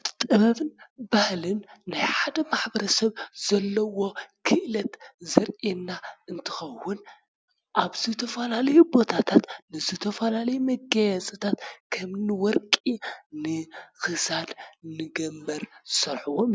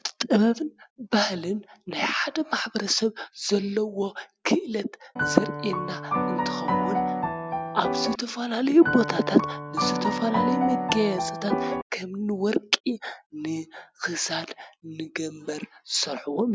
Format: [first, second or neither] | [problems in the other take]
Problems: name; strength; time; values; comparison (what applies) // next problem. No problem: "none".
first | background sound (Piano); 1 dB below the speech